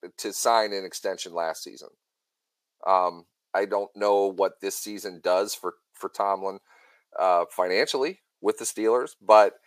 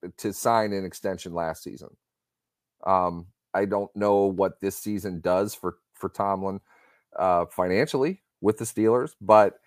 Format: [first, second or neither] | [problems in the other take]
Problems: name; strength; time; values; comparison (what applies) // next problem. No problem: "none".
second | thin; somewhat; fading below 450 Hz